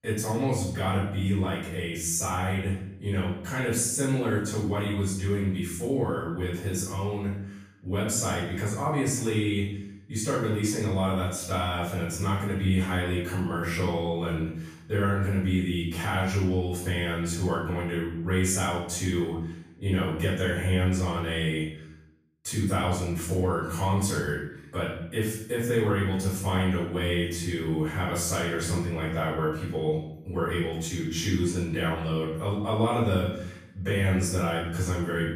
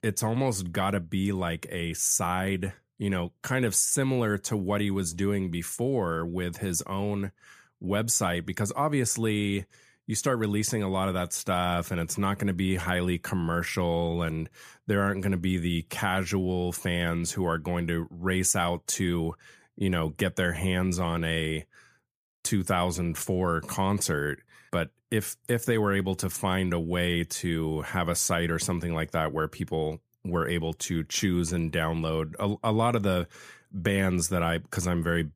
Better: second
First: off-mic speech; far // room echo; noticeable; dies away in 0.6 s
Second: none

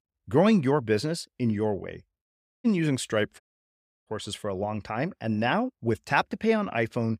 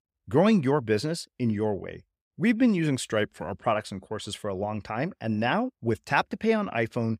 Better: second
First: audio cutting out; at 2.5 s and at 3.5 s for 0.5 s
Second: none

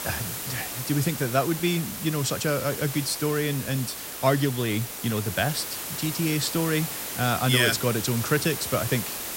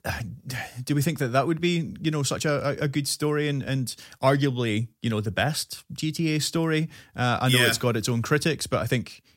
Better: second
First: hiss; loud; throughout; 5 dB below the speech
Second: none

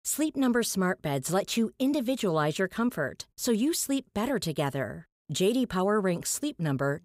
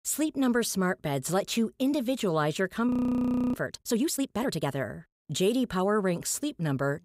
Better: first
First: none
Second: audio freezing; at 3 s for 0.5 s

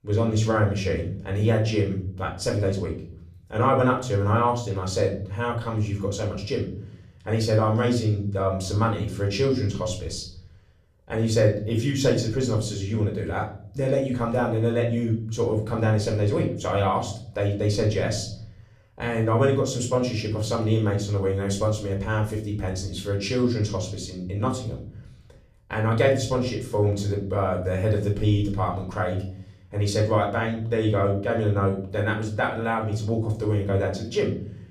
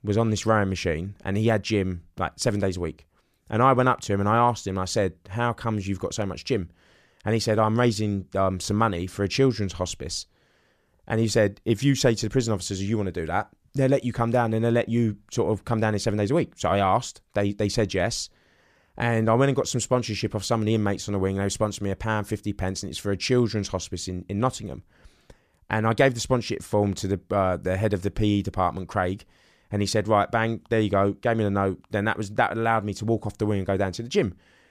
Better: second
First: off-mic speech; far // room echo; slight; dies away in 0.7 s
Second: none

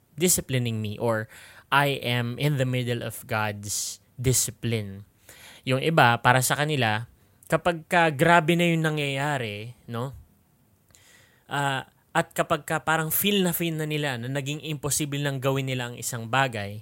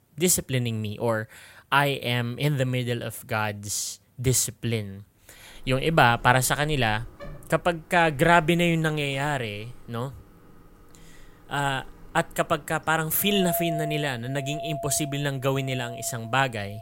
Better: first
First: none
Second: household noises; noticeable; from 5.5 s on; 15 dB below the speech

